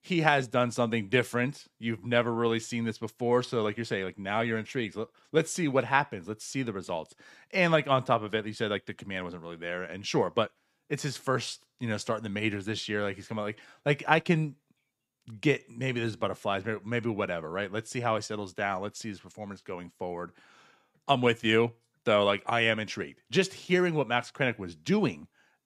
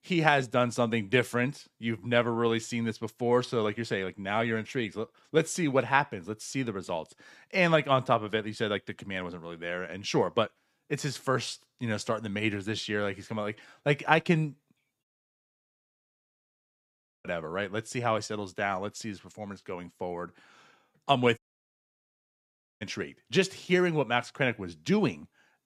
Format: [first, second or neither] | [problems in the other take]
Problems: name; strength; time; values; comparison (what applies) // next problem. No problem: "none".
first | audio cutting out; at 15 s for 2 s and at 21 s for 1.5 s